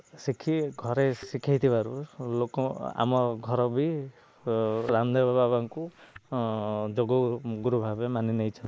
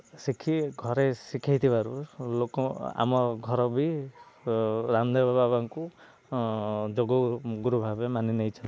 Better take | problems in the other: second | noise reduction (neural mask model Resemble Enhance denoiser)

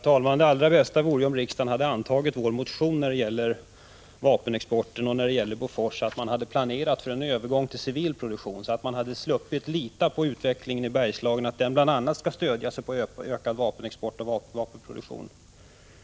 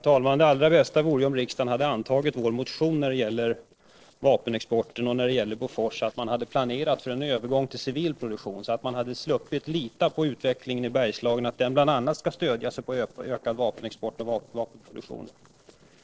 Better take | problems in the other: first | noise reduction (neural separator model SepFormer DNS4)

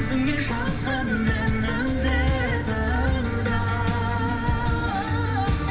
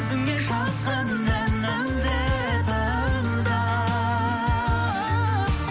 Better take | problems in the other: second | background sound (Fire); 9 dB below the speech // room echo; dies away in 2.9 s

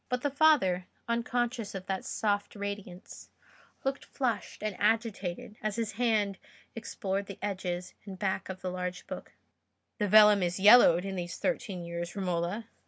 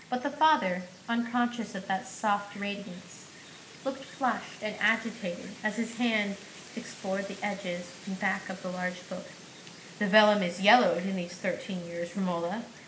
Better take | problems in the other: first | background sound (Wind); 18 dB below the speech // room echo; dies away in 0.9 s

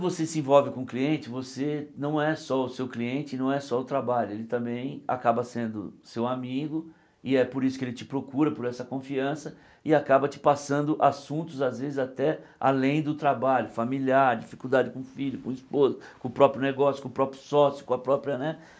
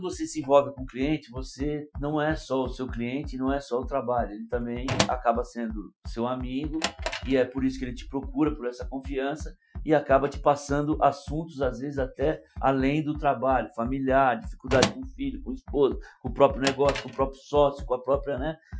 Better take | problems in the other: first | noise reduction (classical method Wiener filter)

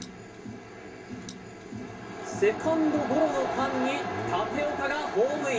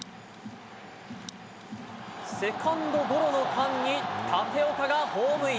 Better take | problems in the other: second | room echo; dies away in 0.2 s

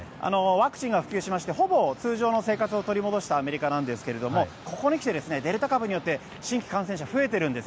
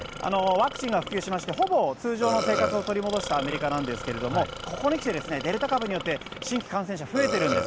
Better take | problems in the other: first | background sound (Burping, eructation); 6 dB below the speech

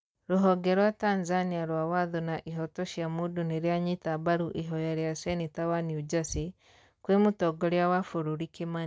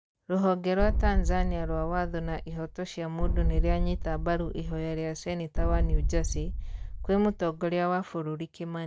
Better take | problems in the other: first | background sound (Boom); 2 dB above the speech

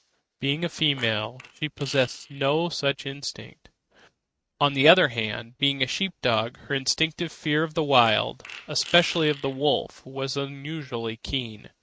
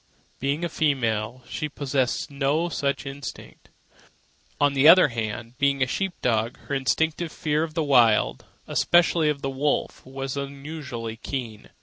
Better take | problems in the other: second | noise reduction (neural mask model RNNoise)

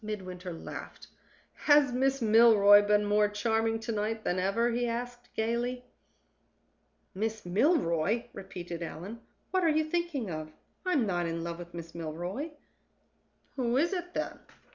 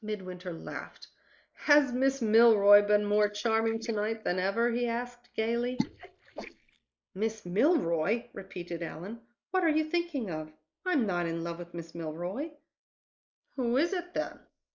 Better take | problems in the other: first | noise reduction (neural mask model Resemble Enhance denoiser)

